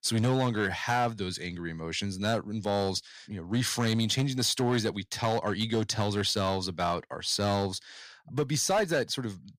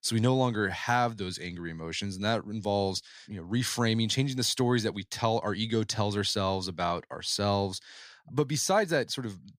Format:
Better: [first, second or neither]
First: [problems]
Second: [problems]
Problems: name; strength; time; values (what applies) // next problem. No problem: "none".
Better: second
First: distortion; slight; 4% of the sound clipped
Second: none